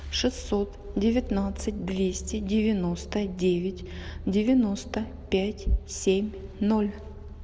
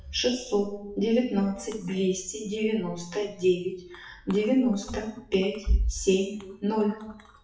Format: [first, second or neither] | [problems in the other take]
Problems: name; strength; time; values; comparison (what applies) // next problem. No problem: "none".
first | noise reduction (classical method WPE with log-MMSE)